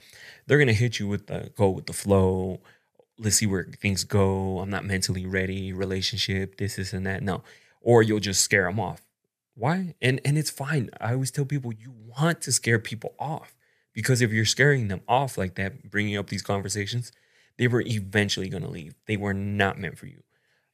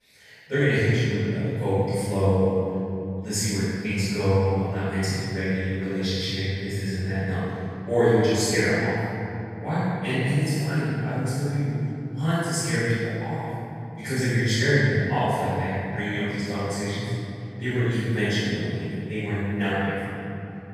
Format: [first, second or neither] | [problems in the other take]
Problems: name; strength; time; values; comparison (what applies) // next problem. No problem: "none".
first | room echo; strong; dies away in 3 s // off-mic speech; far